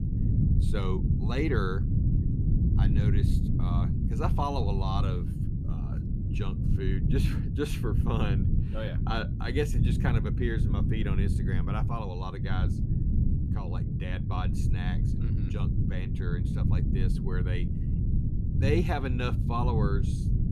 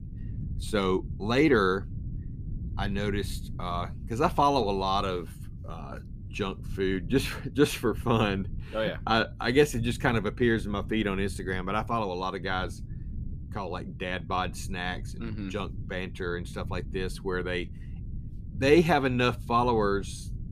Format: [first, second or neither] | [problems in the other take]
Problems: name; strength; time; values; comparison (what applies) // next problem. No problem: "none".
second | low rumble; loud; throughout; 4 dB below the speech; faint in the second